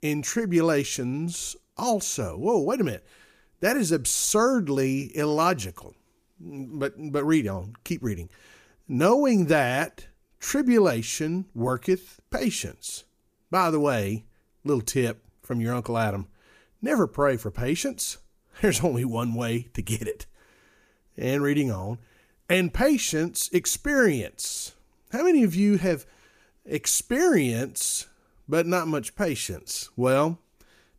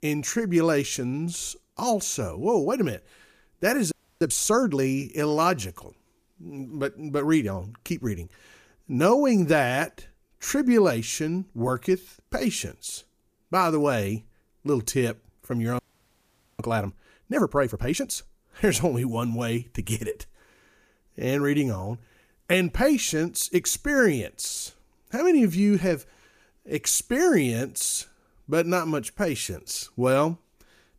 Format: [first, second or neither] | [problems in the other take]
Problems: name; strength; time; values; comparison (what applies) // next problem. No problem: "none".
first | audio freezing; at 4 s and at 16 s for 1 s